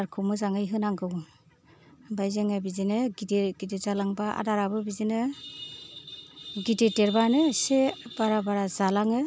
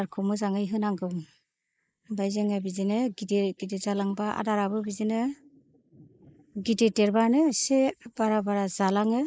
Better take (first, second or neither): first